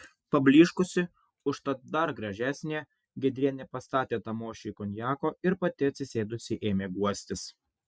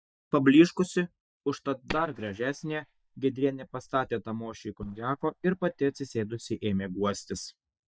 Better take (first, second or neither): first